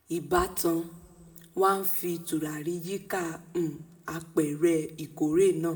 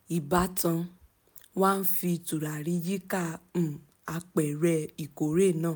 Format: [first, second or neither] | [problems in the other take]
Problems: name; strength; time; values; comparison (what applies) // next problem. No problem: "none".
second | room echo; dies away in 1 s